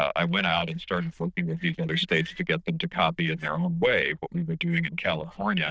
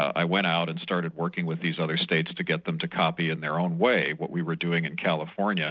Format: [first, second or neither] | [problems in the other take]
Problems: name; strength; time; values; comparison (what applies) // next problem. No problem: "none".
second | noise reduction (neural diffusion model UNIVERSE++)